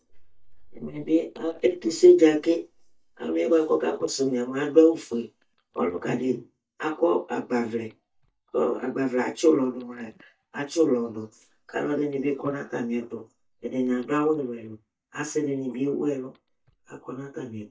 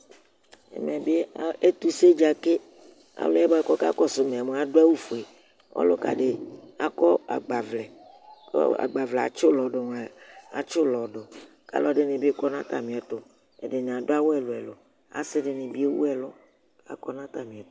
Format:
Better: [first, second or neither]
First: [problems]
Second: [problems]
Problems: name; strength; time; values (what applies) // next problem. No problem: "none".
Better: second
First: noise reduction (neural mask model DeepFilterNet 3)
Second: none